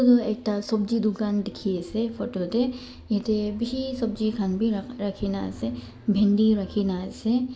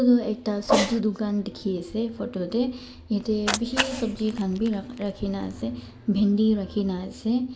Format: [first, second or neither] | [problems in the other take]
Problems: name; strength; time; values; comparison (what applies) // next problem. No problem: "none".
first | background sound (Cat); 8 dB below the speech